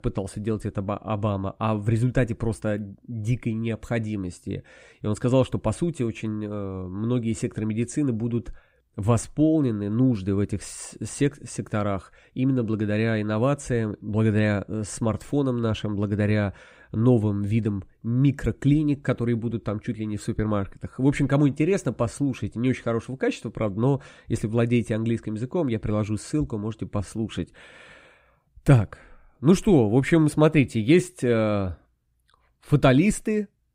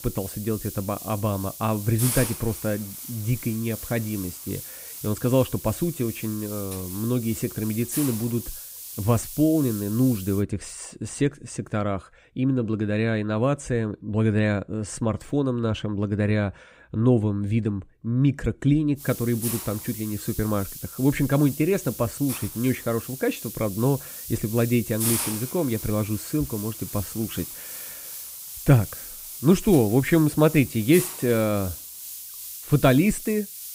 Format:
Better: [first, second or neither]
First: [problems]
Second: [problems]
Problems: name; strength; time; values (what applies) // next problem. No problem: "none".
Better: first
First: none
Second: hiss; loud; until 10 s and from 19 s on; 9 dB below the speech